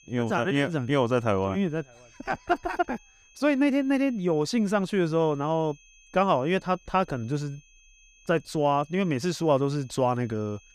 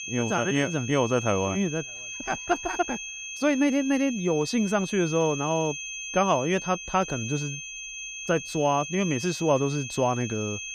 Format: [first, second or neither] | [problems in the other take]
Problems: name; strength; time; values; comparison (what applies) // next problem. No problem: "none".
first | high-pitched whine; loud; throughout; 2.5 kHz, 8 dB below the speech; faint in the first